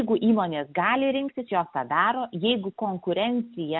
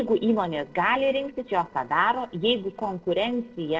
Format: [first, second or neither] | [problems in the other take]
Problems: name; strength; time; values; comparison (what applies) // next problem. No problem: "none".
first | noise reduction (neural separator model SepFormer DNS4)